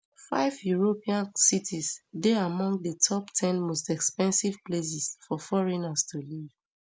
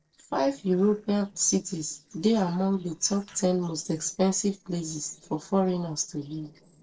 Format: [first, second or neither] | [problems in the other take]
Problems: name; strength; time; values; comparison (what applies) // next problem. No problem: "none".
first | noise reduction (neural separator model SepFormer DNS4)